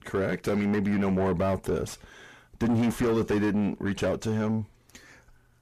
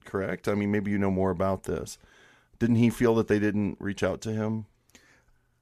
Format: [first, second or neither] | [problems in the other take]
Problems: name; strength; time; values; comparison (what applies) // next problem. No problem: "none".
second | distortion; heavy; 6 dB below the speech